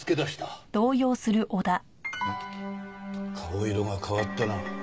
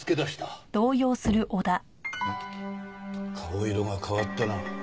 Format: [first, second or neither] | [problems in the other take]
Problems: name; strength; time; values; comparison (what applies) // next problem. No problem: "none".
first | background sound (Knock); 14 dB below the speech